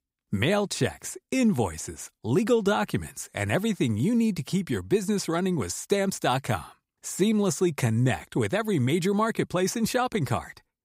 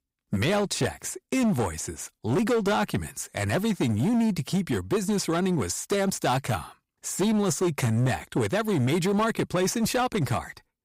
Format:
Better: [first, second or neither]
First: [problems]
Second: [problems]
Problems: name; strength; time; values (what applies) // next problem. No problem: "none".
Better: first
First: none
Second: distortion; slight; 14% of the sound clipped